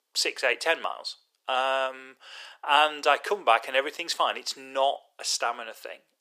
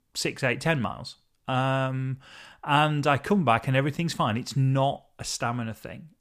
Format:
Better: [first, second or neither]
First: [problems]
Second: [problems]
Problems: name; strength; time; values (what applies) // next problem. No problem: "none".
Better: second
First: thin; very; fading below 400 Hz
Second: none